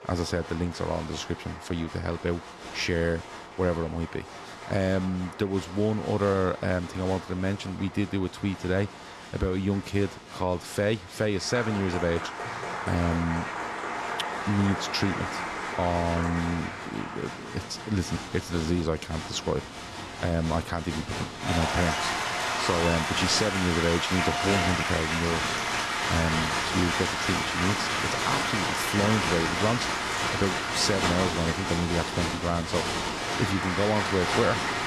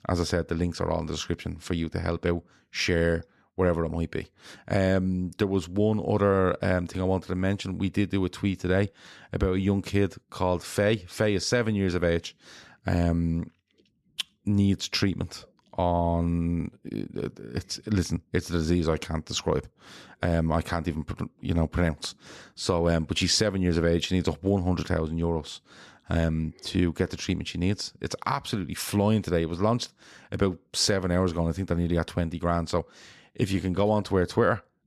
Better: second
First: crowd noise; loud; throughout; as loud as the speech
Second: none

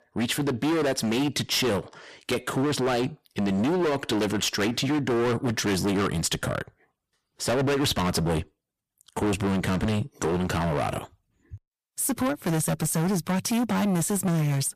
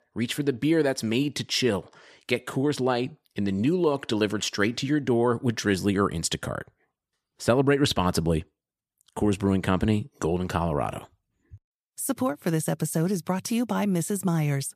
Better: second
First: distortion; heavy; 26% of the sound clipped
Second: none

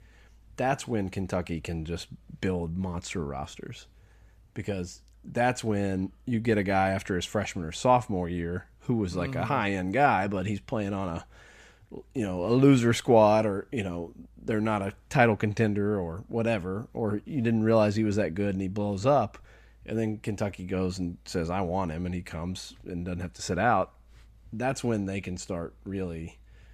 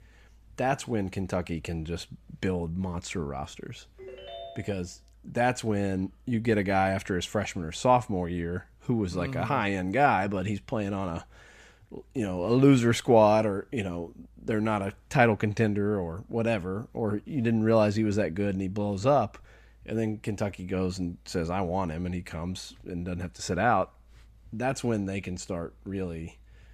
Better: first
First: none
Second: phone ringing; faint; at 4 s; peak 15 dB below the speech

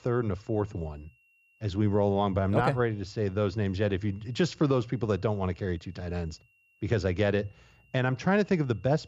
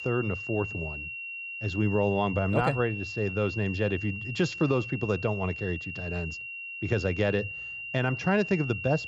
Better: first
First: high-pitched whine; faint; throughout; 3 kHz, 35 dB below the speech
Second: high-pitched whine; loud; throughout; 3 kHz, 7 dB below the speech

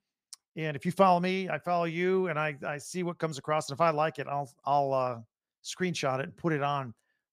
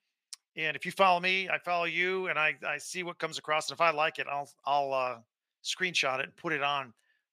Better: first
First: none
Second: thin; somewhat; fading below 650 Hz

